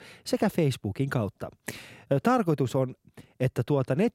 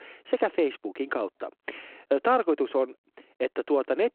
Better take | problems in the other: first | phone-call audio

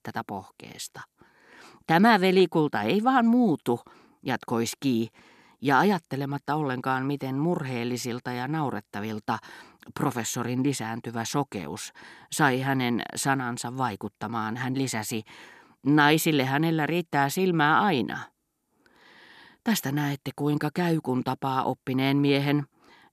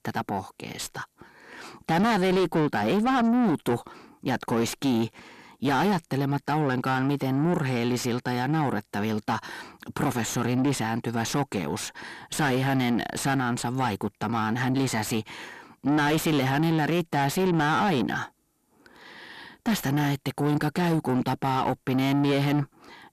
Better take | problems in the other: first | distortion; heavy; 6 dB below the speech

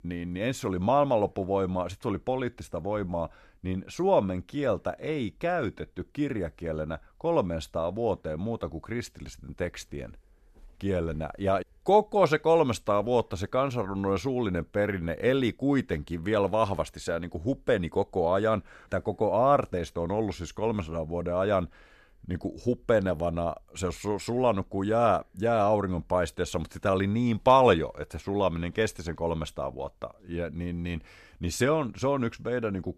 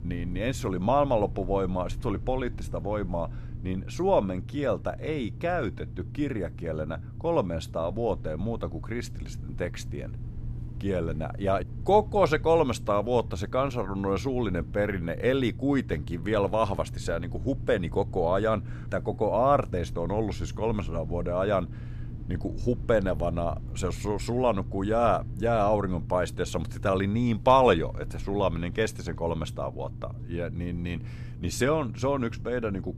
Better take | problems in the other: first | low rumble; faint; throughout; 25 dB below the speech

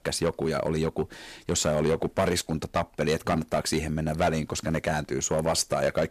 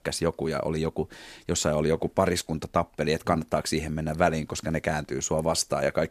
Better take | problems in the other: second | distortion; slight; 4% of the sound clipped

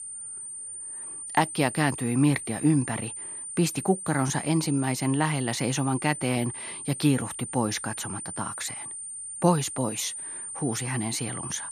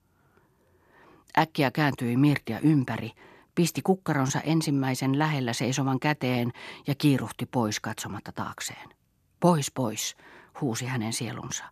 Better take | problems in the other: second | high-pitched whine; loud; throughout; 9 kHz, 7 dB below the speech

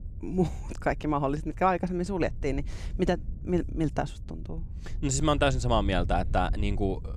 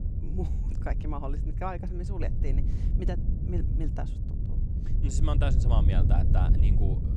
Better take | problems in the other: first | wind noise on the microphone; heavy; 4 dB below the speech; occasional gusts in the first

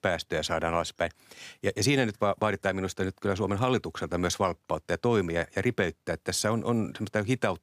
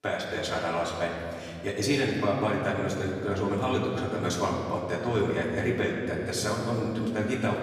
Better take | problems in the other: first | off-mic speech; far // room echo; noticeable; dies away in 3 s

